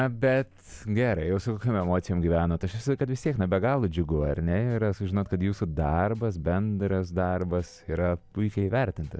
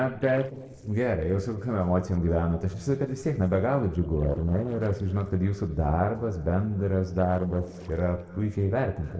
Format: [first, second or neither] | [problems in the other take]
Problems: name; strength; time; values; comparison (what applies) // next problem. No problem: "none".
first | noise reduction (neural separator model SepFormer DNS4)